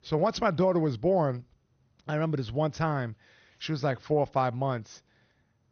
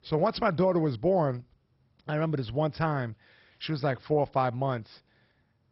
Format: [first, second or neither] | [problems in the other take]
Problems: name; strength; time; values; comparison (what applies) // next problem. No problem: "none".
first | garbled, watery; badly; nothing above 5.5 kHz; slightly in the first